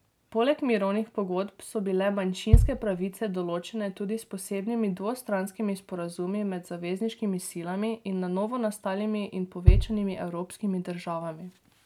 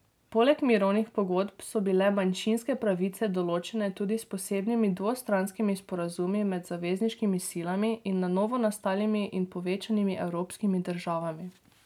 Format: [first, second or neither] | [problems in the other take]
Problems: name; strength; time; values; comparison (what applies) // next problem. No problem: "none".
second | background sound (Bass drum); 3 dB above the speech